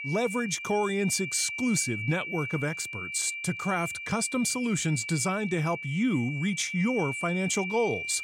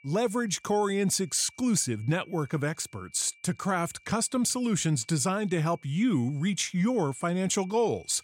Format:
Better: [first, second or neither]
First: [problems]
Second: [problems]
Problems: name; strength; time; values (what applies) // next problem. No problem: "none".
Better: second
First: high-pitched whine; loud; throughout; 2.5 kHz, 6 dB below the speech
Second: high-pitched whine; faint; throughout; 2.5 kHz, 30 dB below the speech